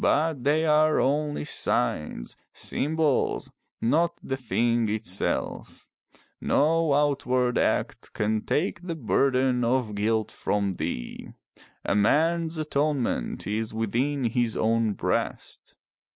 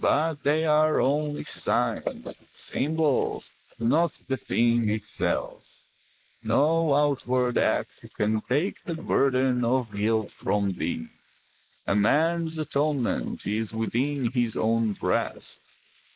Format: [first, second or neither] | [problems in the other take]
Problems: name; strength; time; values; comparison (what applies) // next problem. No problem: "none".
first | noise reduction (neural mask model Resemble Enhance denoiser)